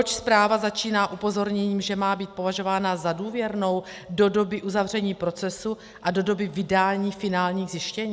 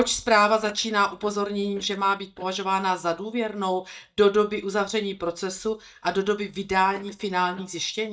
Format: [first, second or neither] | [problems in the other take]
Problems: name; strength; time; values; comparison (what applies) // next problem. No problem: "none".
first | noise reduction (neural mask model DeepFilterNet 3)